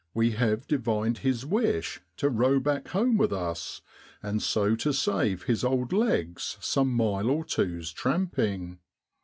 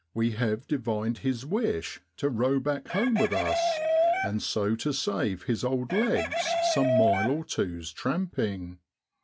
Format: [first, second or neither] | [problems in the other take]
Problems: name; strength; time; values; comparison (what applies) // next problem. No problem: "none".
first | background sound (Chicken, rooster); 1 dB below the speech